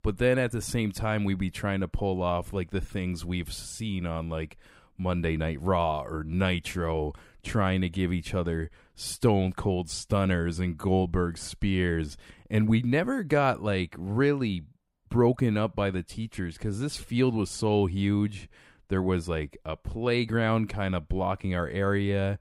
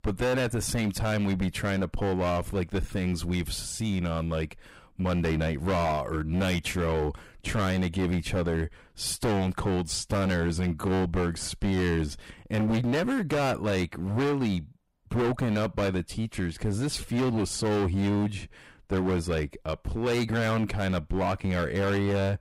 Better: first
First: none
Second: distortion; heavy; 21% of the sound clipped

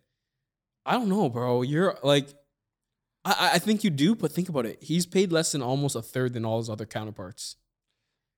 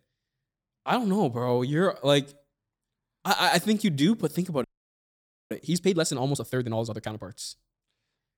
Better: first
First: none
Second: audio freezing; at 4.5 s for 1 s

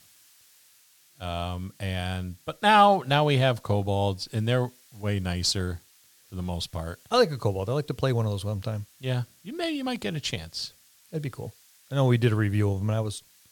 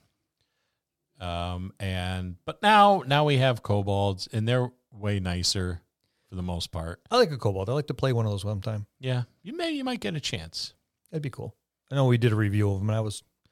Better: second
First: hiss; faint; throughout; 30 dB below the speech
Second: none

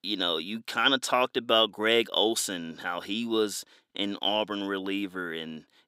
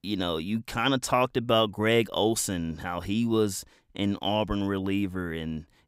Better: second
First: thin; very slightly; fading below 350 Hz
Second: none

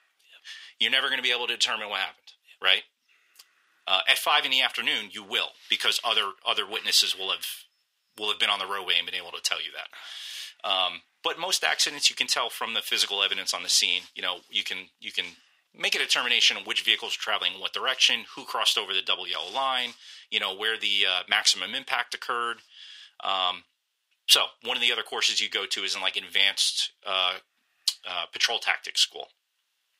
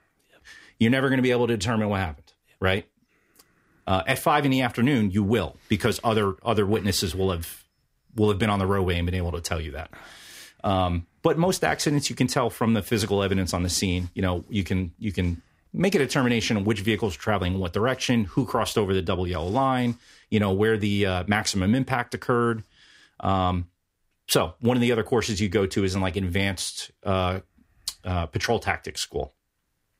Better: second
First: thin; very; fading below 900 Hz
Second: none

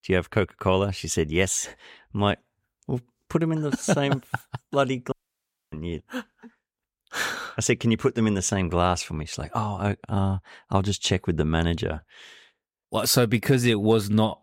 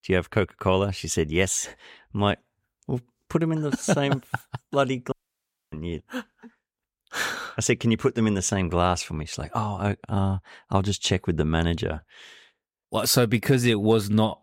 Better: neither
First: audio cutting out; at 5 s for 0.5 s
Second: audio cutting out; at 5 s for 0.5 s

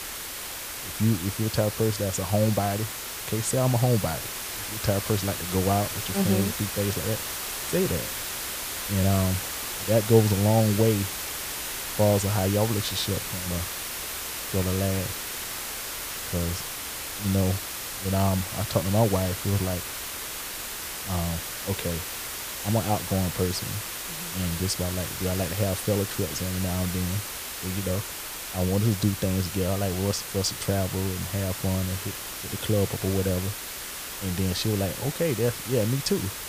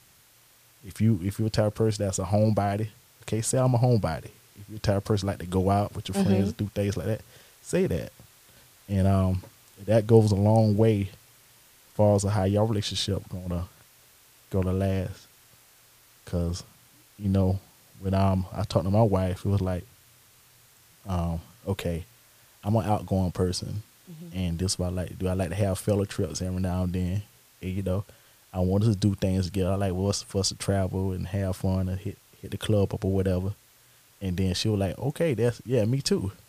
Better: second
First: hiss; loud; throughout; 4 dB below the speech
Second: hiss; faint; throughout; 30 dB below the speech

